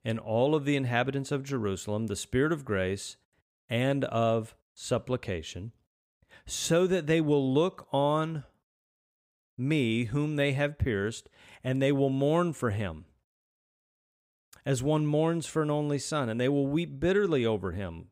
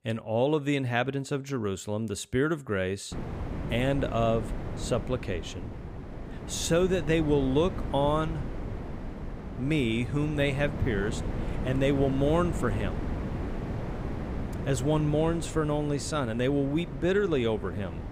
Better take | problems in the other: first | wind noise on the microphone; occasional gusts; from 3 s on; 10 dB below the speech

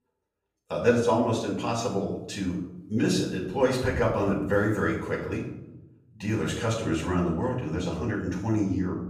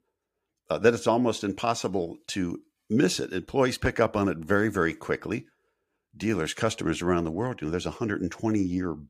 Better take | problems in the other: second | off-mic speech; far // room echo; noticeable; dies away in 0.7 s

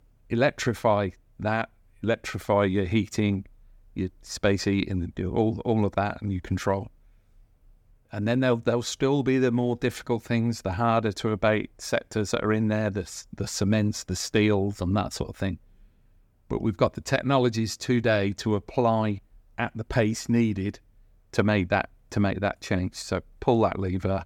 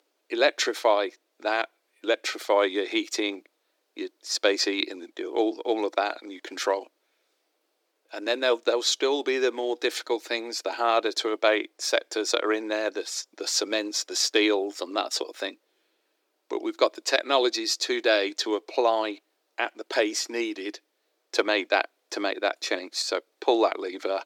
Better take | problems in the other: first | thin; very; fading below 300 Hz

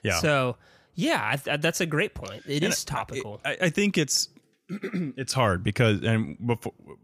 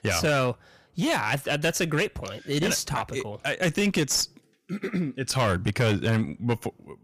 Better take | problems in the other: first | distortion; slight; 10% of the sound clipped

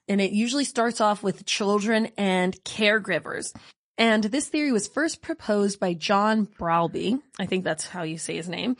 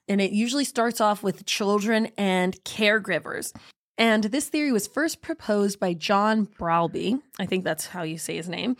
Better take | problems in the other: second | garbled, watery; slightly; nothing above 10.5 kHz

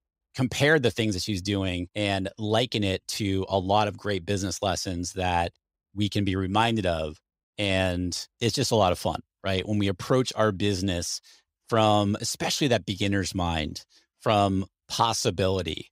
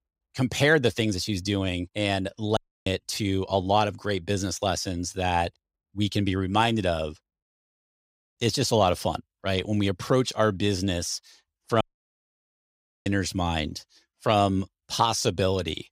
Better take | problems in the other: first | audio cutting out; at 2.5 s, at 7.5 s for 1 s and at 12 s for 1.5 s

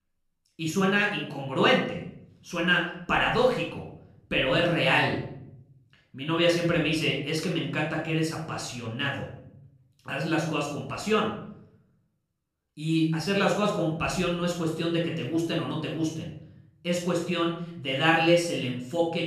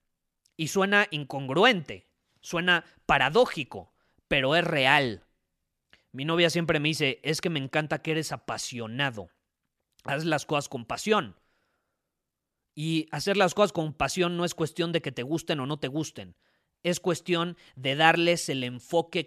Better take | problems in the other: second | off-mic speech; far // room echo; noticeable; dies away in 0.7 s

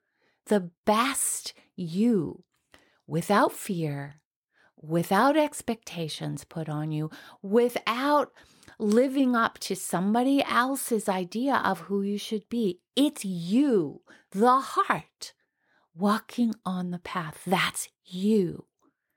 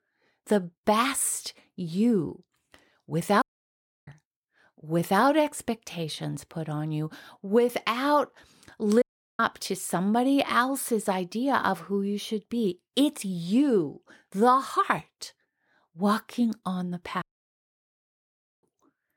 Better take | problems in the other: first | audio cutting out; at 3.5 s for 0.5 s, at 9 s and at 17 s for 1.5 s

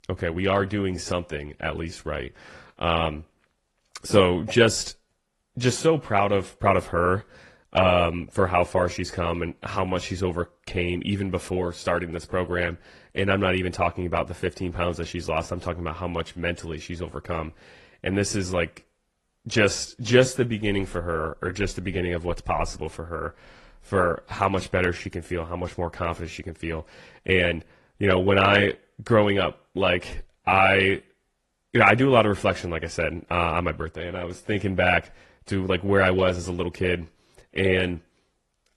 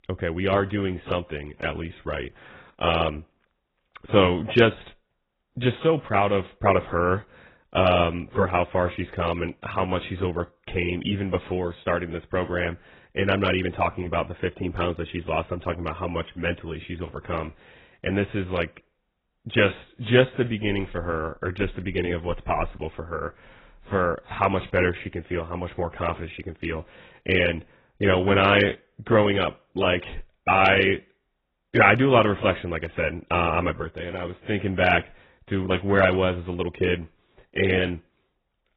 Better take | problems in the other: first | garbled, watery; badly; slightly in the first

